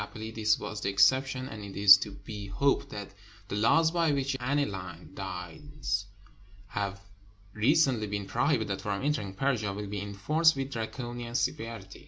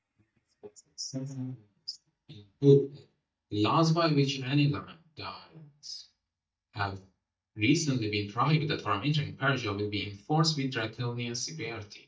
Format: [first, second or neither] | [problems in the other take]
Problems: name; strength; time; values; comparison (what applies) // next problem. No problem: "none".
first | noise reduction (neural mask model DeepFilterNet 3)